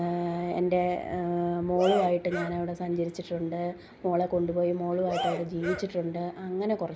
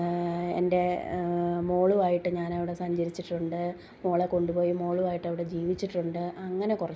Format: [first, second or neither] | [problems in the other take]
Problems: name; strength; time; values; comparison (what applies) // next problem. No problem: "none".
second | background sound (Cheering); 6 dB below the speech